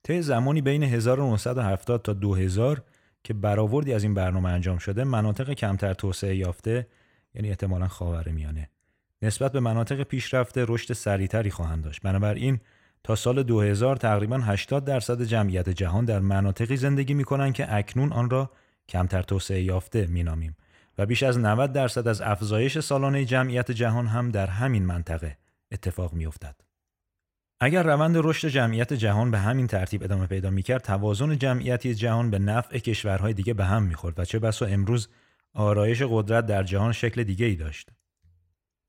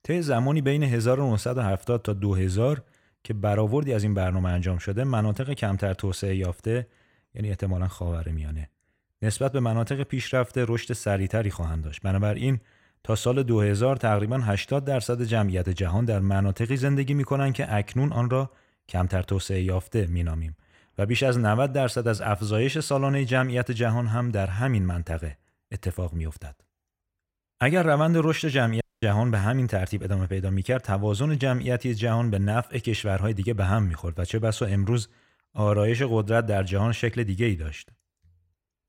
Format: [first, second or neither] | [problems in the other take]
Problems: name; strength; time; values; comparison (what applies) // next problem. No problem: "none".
first | audio cutting out; at 29 s